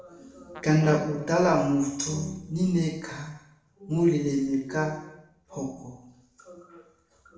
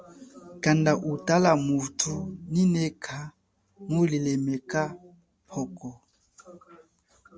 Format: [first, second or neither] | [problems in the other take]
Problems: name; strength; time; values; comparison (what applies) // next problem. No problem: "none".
second | background sound (Fart); 17 dB below the speech // room echo; dies away in 0.8 s